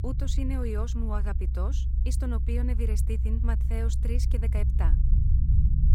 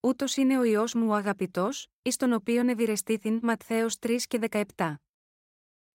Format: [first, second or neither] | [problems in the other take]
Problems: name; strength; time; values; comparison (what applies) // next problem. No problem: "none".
second | low rumble; loud; throughout; 6 dB below the speech